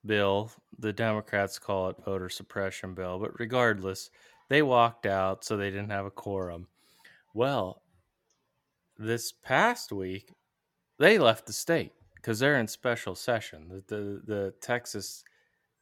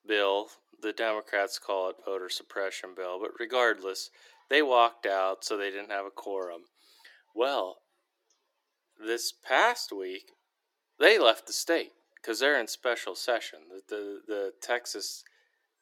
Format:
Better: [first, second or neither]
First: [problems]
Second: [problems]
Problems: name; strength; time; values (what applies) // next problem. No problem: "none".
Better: first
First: none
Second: thin; somewhat; fading below 350 Hz